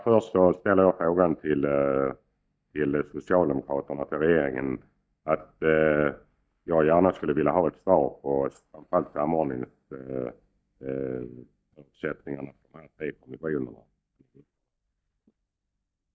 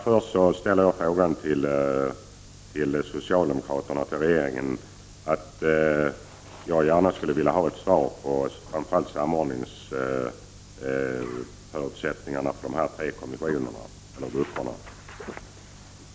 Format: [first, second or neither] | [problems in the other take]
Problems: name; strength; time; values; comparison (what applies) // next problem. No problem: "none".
second | noise reduction (neural mask model DeepFilterNet 3)